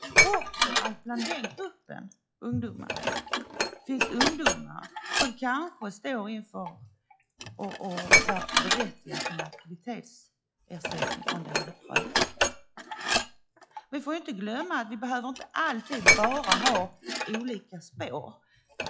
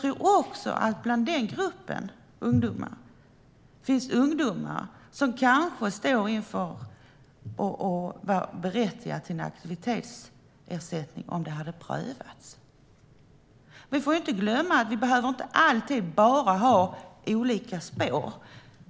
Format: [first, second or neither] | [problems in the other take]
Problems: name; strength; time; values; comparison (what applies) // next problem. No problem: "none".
second | noise reduction (classical method log-MMSE)